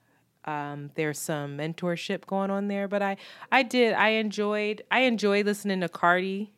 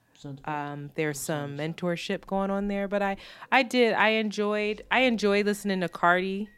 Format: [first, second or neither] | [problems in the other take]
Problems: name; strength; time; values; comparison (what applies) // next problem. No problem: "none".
first | household noises; faint; throughout; 25 dB below the speech